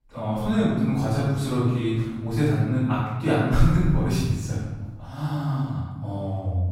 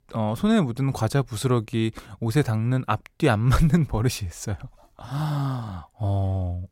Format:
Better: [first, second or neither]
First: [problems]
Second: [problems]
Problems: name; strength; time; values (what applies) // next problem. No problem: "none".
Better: second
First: off-mic speech; far // room echo; strong; dies away in 1.2 s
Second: none